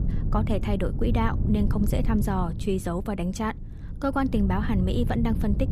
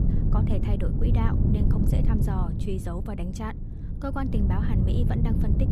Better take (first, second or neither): first